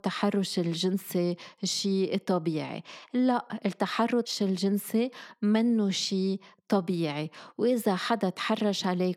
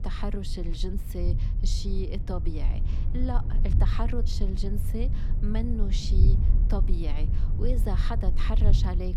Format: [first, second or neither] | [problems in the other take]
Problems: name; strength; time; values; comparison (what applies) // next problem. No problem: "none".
first | low rumble; loud; throughout; 7 dB below the speech